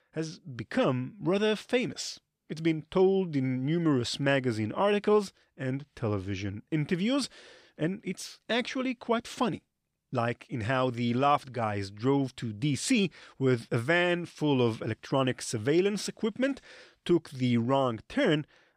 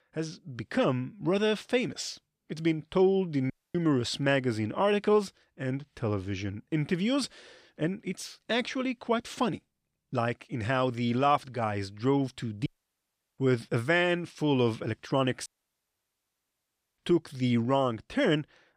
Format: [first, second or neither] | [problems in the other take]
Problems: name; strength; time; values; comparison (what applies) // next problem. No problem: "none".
first | audio cutting out; at 3.5 s, at 13 s for 0.5 s and at 15 s for 1.5 s